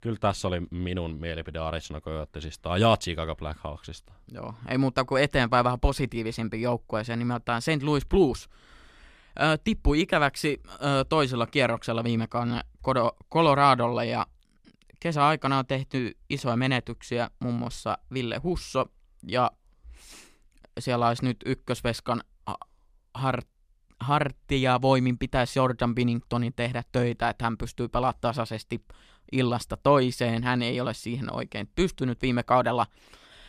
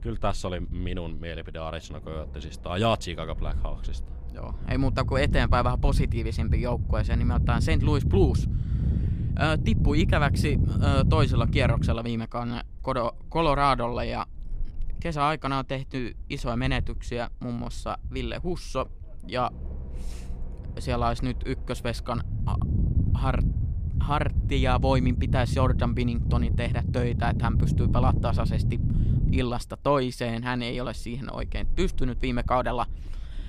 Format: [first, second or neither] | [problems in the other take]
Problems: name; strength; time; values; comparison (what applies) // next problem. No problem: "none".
first | low rumble; noticeable; throughout; 10 dB below the speech